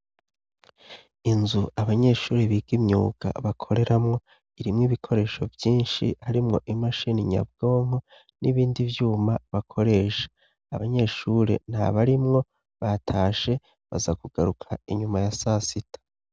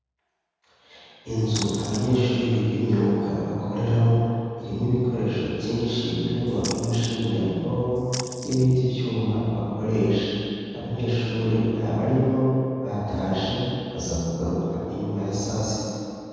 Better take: first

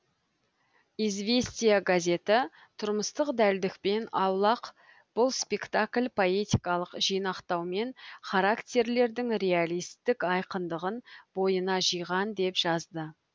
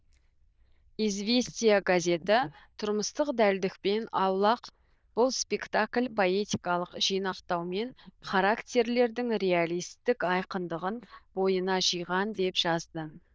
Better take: first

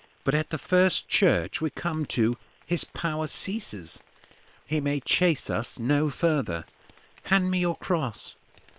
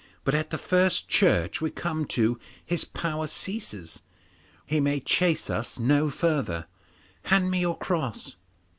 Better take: second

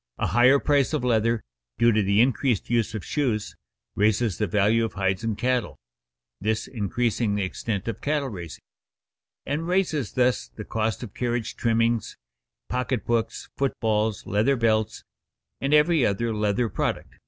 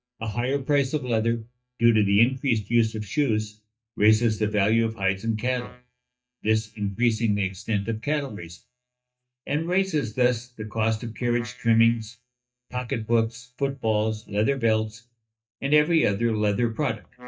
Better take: first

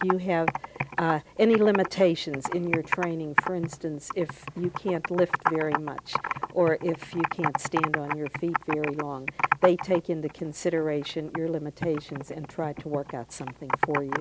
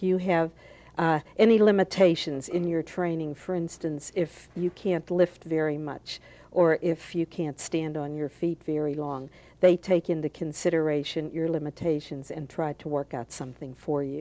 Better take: second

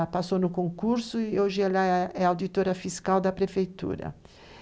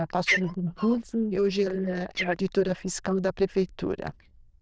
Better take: first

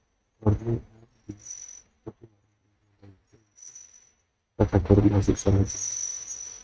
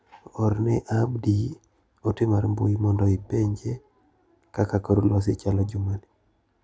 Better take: second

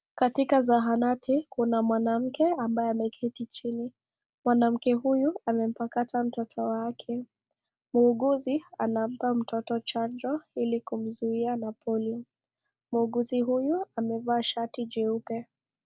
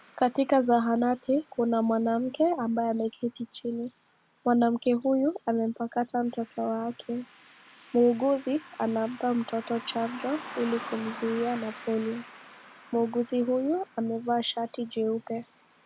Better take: first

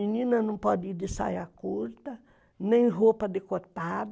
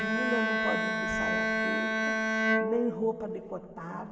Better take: first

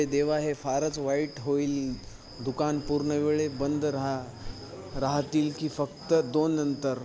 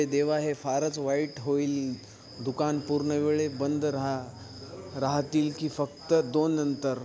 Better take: second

